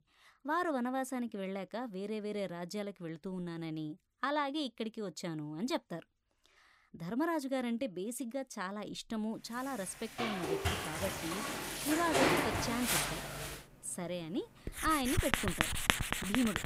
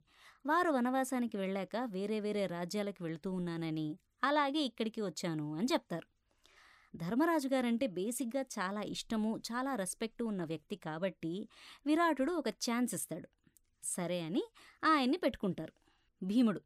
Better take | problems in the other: second | household noises; very loud; from 9.5 s on; 4 dB above the speech

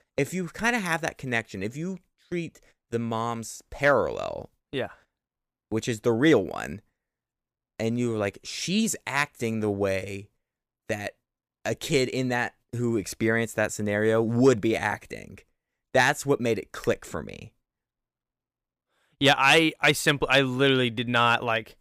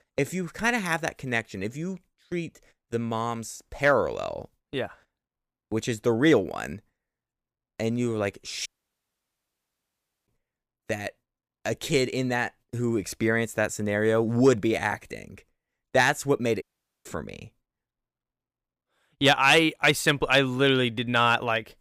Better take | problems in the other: first | audio cutting out; at 8.5 s for 1.5 s and at 17 s

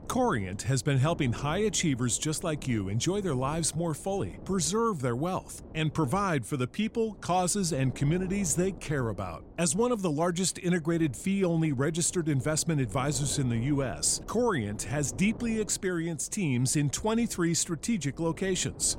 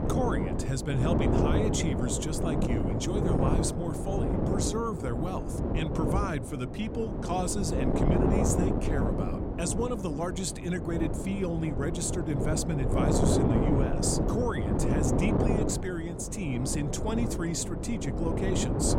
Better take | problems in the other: first | wind noise on the microphone; heavy; 1 dB above the speech; occasional gusts in the first

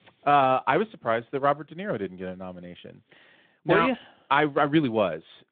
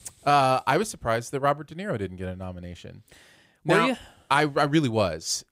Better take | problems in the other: second | phone-call audio

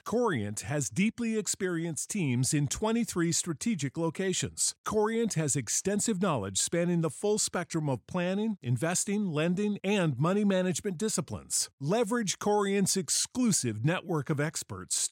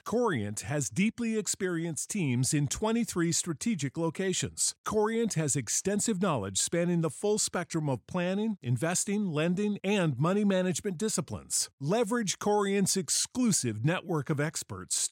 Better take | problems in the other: neither | none

